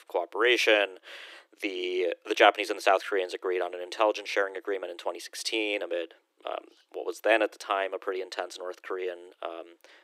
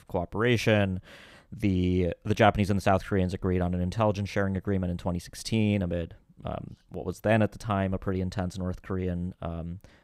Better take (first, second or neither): second